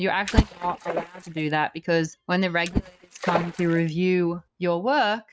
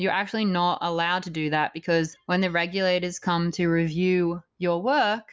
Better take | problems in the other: second | noise reduction (neural mask model RNNoise)

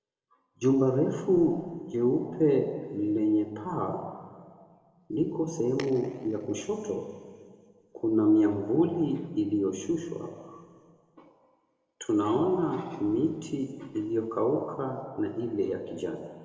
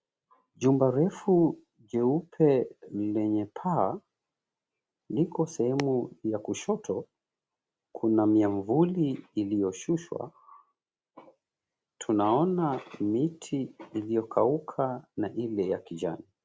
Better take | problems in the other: second | room echo; dies away in 1.8 s

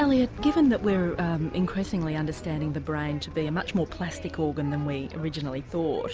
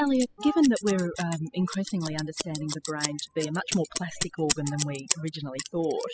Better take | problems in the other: first | noise reduction (classical method spectral subtraction)

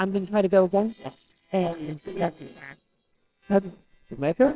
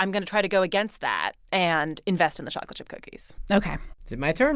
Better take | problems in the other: second | noise reduction (neural separator model SepFormer WHAMR!)

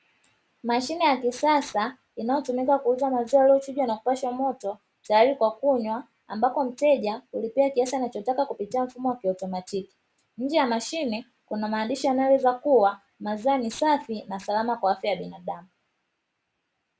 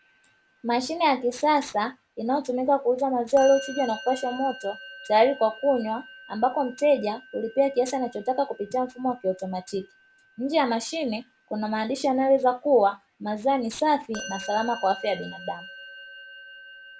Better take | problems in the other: first | background sound (Musical instrument); 19 dB below the speech

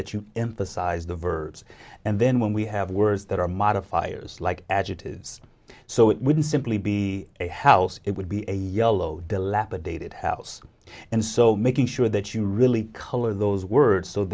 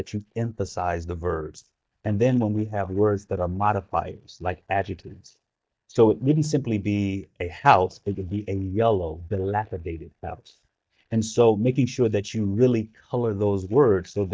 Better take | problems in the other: first | noise reduction (neural mask model DeepFilterNet 3)

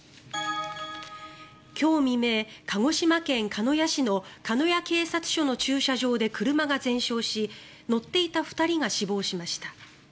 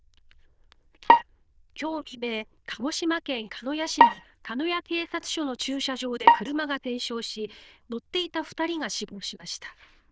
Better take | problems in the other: first | noise reduction (neural diffusion model UNIVERSE++)

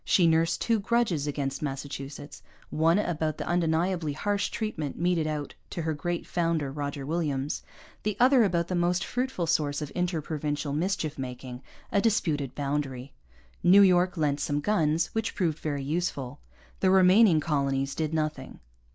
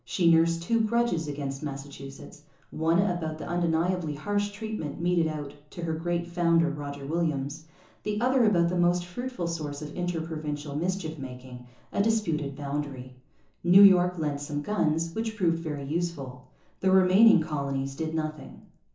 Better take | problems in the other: first | room echo; dies away in 0.8 s

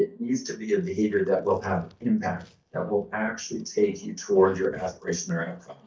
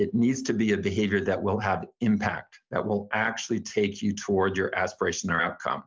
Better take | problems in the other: second | noise reduction (neural mask model DeepFilterNet 3)

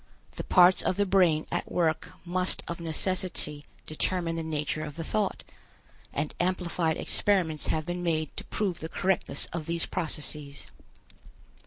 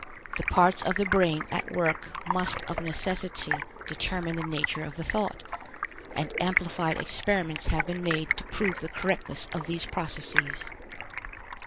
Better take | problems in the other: first | background sound (Stream); 5 dB below the speech

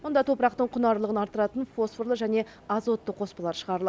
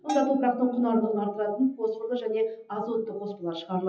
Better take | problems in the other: first | noise reduction (classical method WPE with log-MMSE)

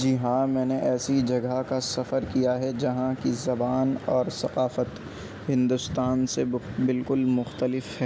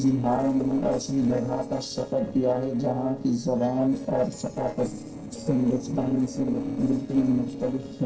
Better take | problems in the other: first | noise reduction (neural separator model SepFormer DNS4)

